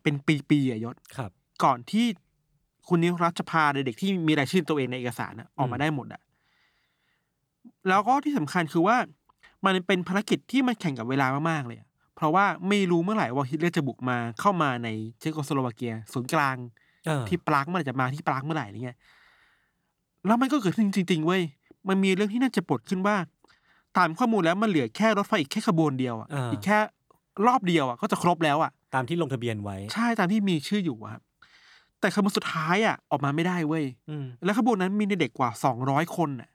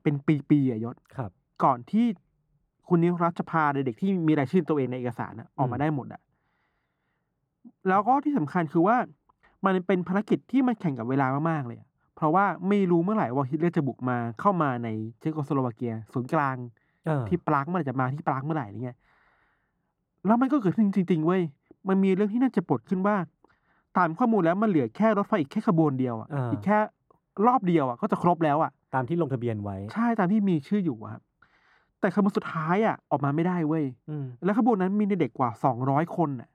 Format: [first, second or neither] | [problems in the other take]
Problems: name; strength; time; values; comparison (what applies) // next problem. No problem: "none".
first | muffled; very; fading above 2 kHz